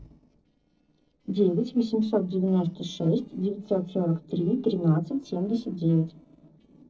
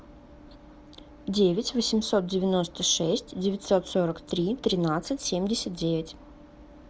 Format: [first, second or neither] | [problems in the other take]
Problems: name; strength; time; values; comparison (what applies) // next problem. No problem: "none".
second | noise reduction (neural separator model SepFormer DNS4)